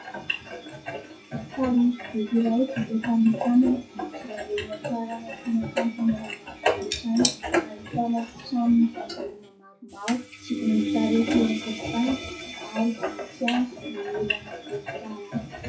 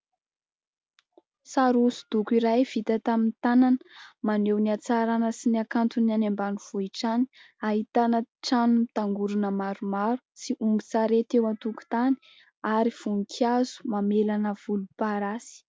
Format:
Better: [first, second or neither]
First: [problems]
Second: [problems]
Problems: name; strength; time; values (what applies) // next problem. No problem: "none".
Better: second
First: noise reduction (classical method WPE with log-MMSE)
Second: none